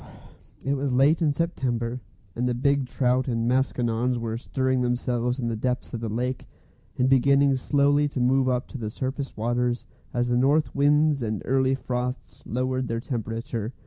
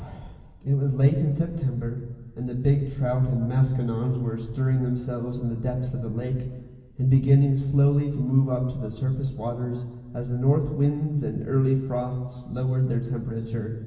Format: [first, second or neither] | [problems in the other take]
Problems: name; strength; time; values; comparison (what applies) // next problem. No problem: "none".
first | room echo; dies away in 1.4 s